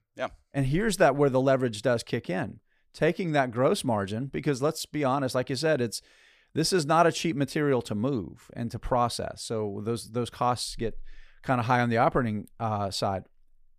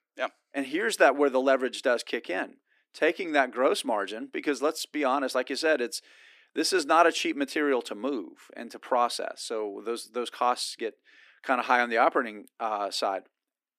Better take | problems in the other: first | thin; very slightly; fading below 300 Hz

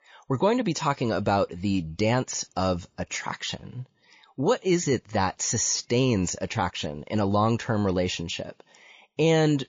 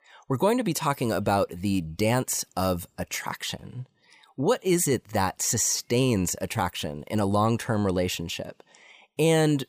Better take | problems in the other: second | garbled, watery; slightly; nothing above 6.5 kHz

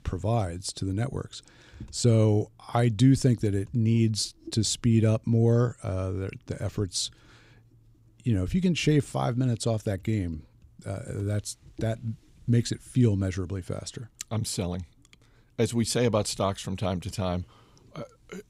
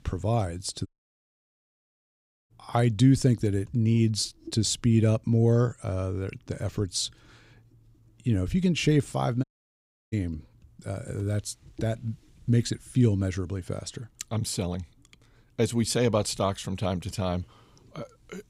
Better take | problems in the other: first | audio cutting out; at 1 s for 1.5 s and at 9.5 s for 0.5 s

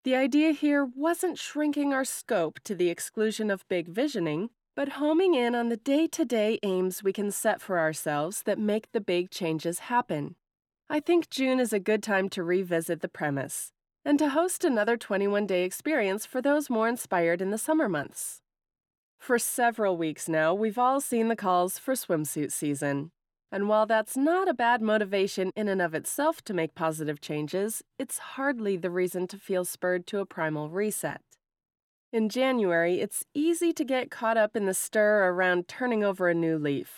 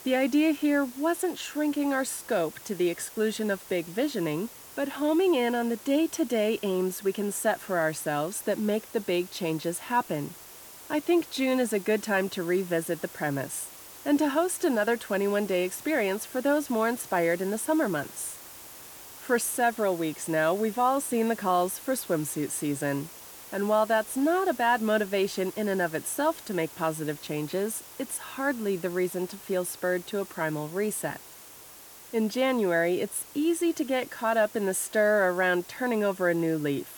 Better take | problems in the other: first | hiss; noticeable; throughout; 15 dB below the speech

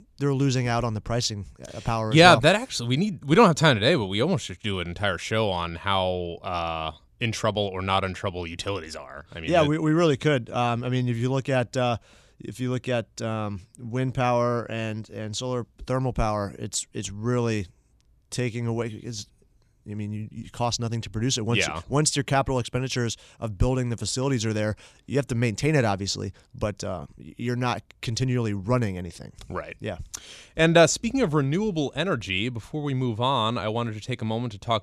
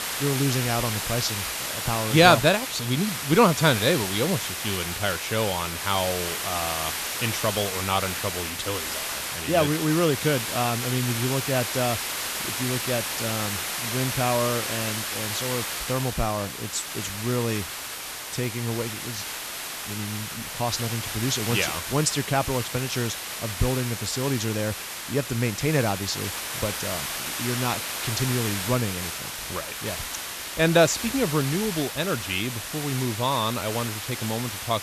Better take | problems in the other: first | hiss; loud; throughout; 3 dB below the speech

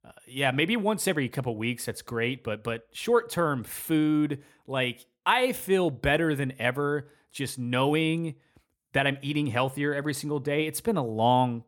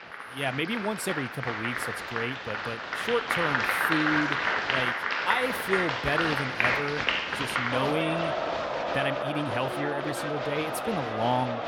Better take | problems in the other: first | crowd noise; very loud; throughout; 3 dB above the speech

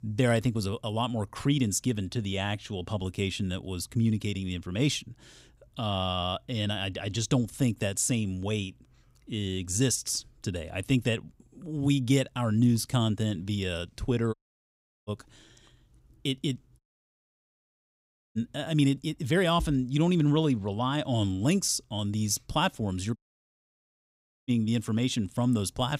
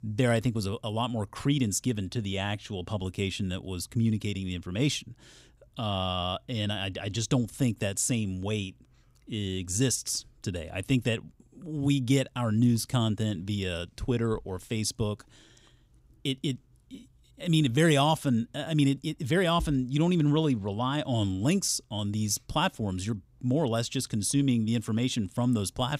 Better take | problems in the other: second | audio cutting out; at 14 s for 0.5 s, at 17 s for 1.5 s and at 23 s for 1.5 s

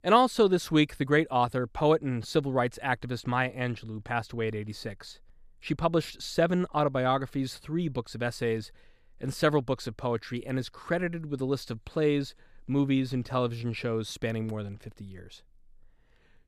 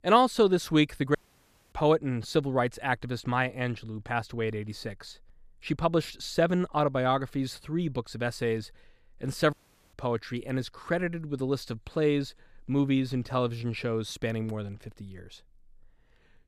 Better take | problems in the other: first | audio cutting out; at 1 s for 0.5 s and at 9.5 s

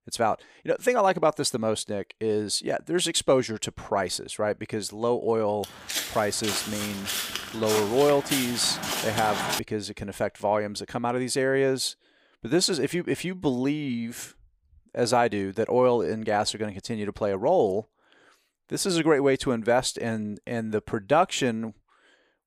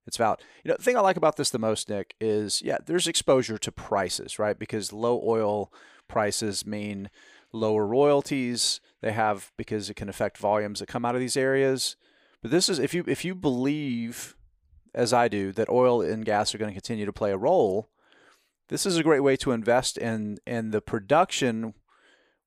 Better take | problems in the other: second | footsteps; noticeable; from 5.5 to 9.5 s; peak 1 dB below the speech

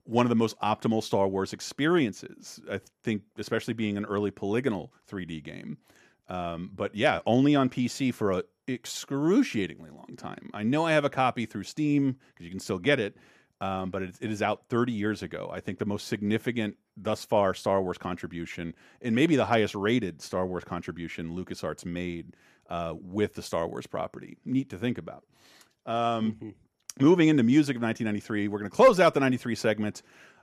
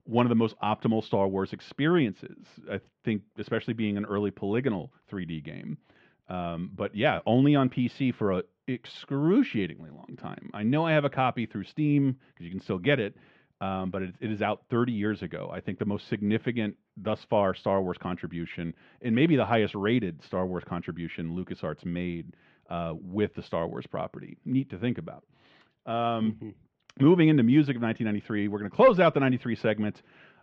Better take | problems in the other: first | muffled; slightly; fading above 3.5 kHz

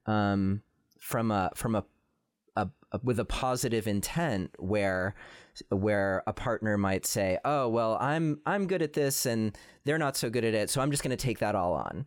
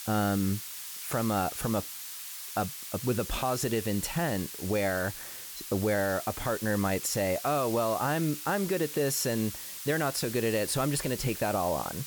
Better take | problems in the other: first | hiss; loud; throughout; 8 dB below the speech

